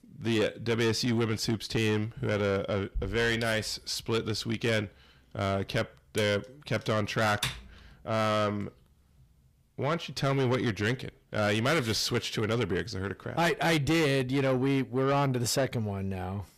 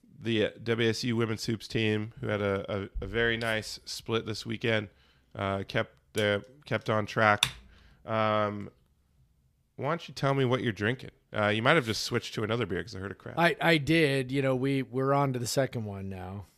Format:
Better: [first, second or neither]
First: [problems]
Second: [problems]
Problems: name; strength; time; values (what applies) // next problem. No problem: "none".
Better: second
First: distortion; heavy; 8 dB below the speech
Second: none